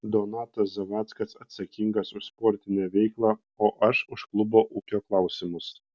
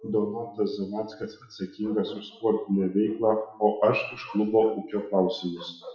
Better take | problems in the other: first | noise reduction (classical method WPE with log-MMSE)

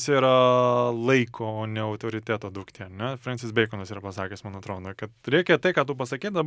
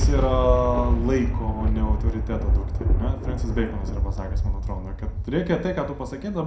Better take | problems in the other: first | background sound (Thunder); 3 dB above the speech // room echo; dies away in 0.4 s

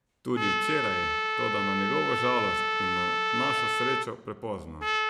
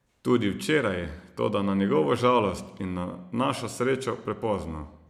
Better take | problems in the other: second | background sound (Trumpet); 4 dB above the speech

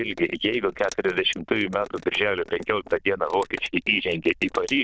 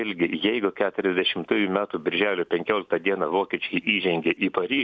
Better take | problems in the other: second | noise reduction (neural diffusion model UNIVERSE++)

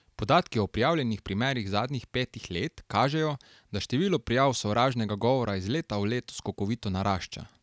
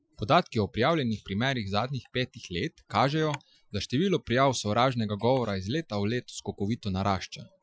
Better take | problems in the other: first | noise reduction (classical method Wiener filter)

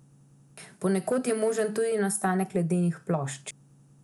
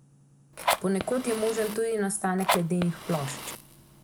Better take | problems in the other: first | background sound (Fire); 4 dB below the speech

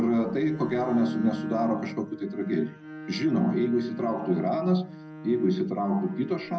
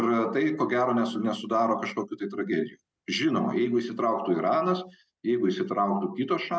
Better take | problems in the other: second | background sound (Bowed string instrument); 14 dB below the speech // room echo; dies away in 0.4 s

